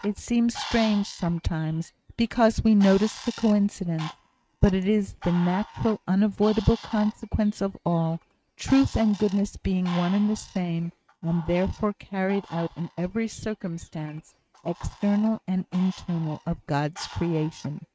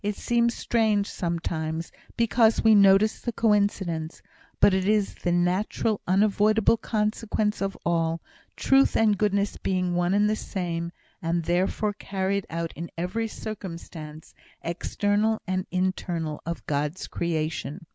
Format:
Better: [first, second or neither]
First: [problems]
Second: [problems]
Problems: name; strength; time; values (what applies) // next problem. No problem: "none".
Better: second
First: noise reduction (neural mask model RNNoise)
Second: none